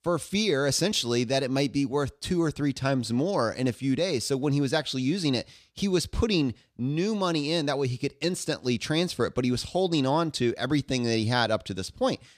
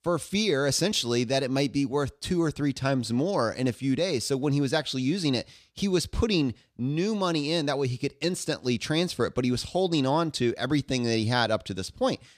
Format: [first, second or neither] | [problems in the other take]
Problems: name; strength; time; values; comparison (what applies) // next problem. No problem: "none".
neither | none